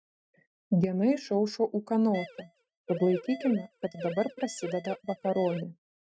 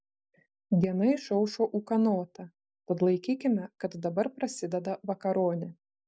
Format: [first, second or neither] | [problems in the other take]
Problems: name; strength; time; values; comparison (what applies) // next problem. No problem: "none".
second | noise reduction (neural mask model RNNoise)